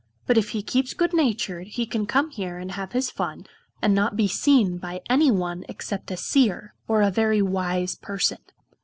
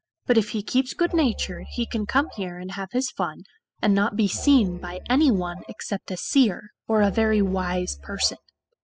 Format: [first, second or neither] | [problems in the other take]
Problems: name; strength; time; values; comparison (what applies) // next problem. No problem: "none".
first | noise reduction (classical method spectral subtraction)